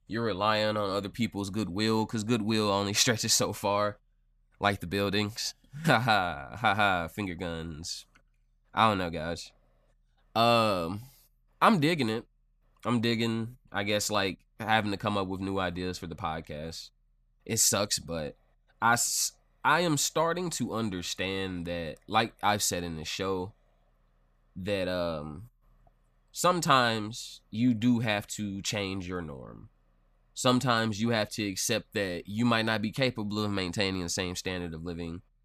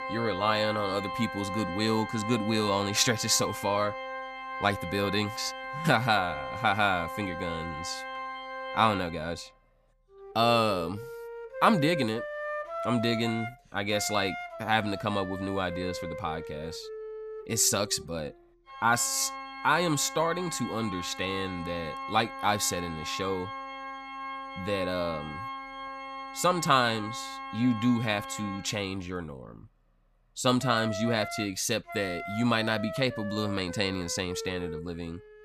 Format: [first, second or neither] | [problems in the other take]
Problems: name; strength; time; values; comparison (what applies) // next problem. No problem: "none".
first | background music; loud; throughout; 9 dB below the speech